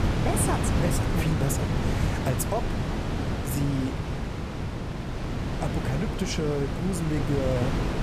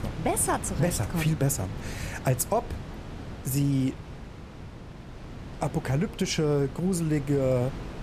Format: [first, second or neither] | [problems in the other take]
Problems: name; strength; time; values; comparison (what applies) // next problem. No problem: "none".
second | wind noise on the microphone; heavy; as loud as the speech; occasional gusts in the second